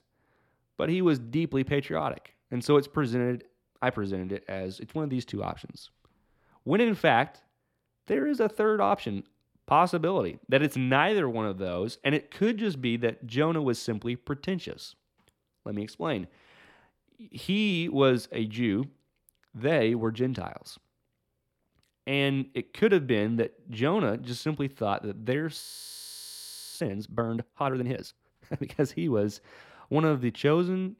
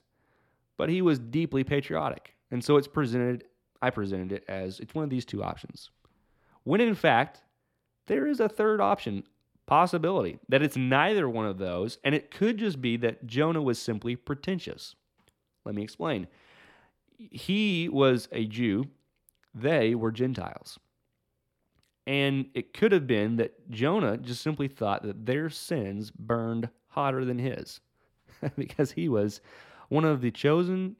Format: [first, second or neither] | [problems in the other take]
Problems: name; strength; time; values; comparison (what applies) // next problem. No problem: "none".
second | audio freezing; at 26 s for 1 s